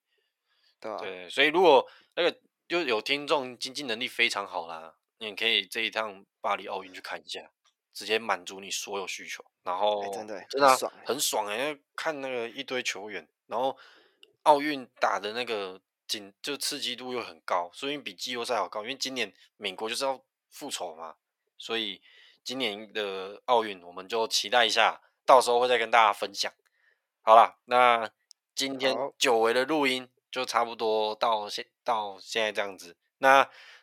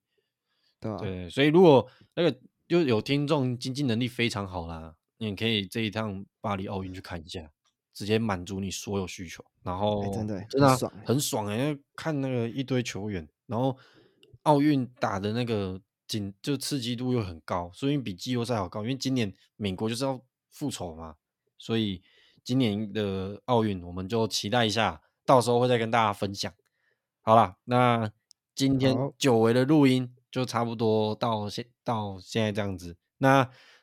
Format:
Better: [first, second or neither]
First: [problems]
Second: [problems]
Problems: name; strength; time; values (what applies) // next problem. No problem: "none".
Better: second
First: thin; very; fading below 650 Hz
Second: none